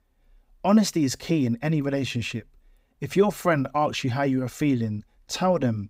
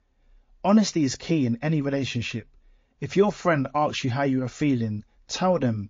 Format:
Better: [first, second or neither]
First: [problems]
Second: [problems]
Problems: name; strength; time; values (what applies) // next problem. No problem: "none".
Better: first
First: none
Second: garbled, watery; slightly